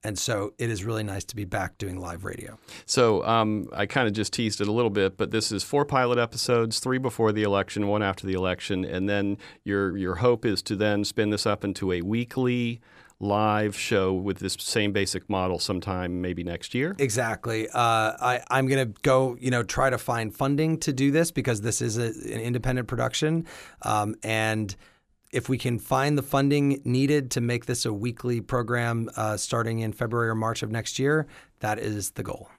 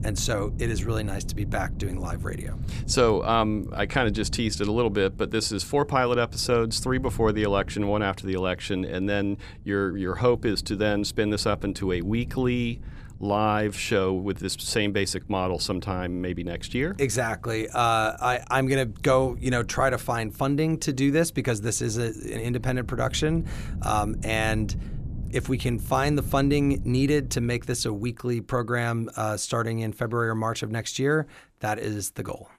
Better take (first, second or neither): first